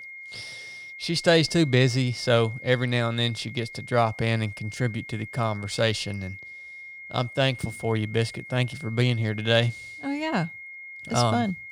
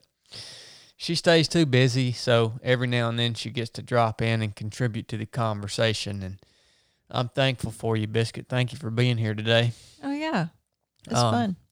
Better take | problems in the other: second | high-pitched whine; noticeable; throughout; 2 kHz, 15 dB below the speech

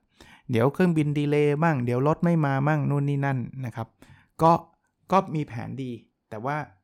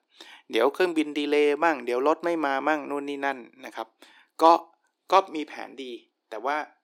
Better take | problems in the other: first | thin; somewhat; fading below 300 Hz

